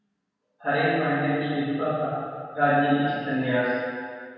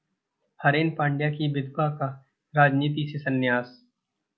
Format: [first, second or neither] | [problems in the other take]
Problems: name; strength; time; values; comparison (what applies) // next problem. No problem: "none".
second | room echo; dies away in 1.9 s